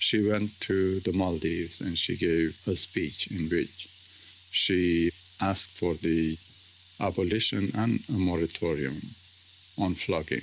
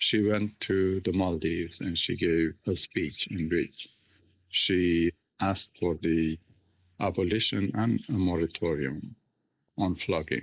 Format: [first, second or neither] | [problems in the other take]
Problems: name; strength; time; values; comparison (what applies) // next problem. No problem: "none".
first | noise reduction (neural mask model Resemble Enhance denoiser)